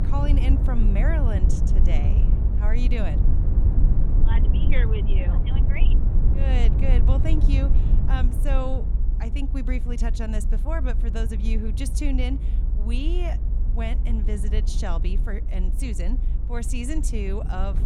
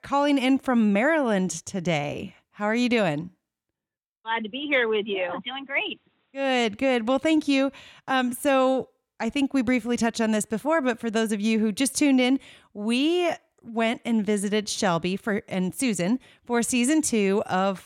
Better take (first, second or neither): second